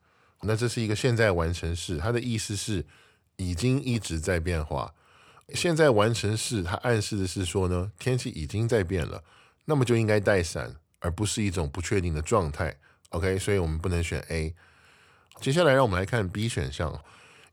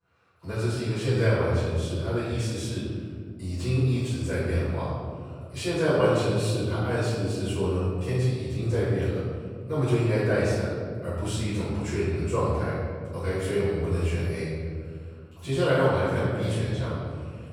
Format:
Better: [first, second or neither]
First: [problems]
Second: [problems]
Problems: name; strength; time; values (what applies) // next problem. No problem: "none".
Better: first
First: none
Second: off-mic speech; far // room echo; strong; dies away in 2.4 s